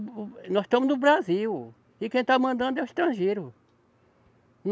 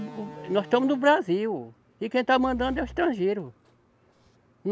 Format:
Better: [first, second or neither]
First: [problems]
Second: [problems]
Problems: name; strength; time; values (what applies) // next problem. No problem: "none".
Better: first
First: none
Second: background sound (Slam); 20 dB below the speech